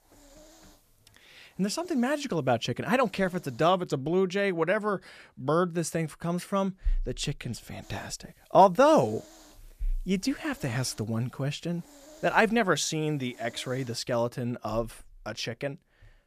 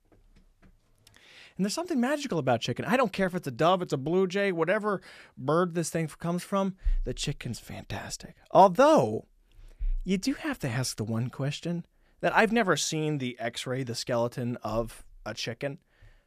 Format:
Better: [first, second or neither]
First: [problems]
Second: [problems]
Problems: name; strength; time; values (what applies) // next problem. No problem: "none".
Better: second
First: hiss; faint; until 4 s and from 8 to 14 s; 25 dB below the speech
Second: none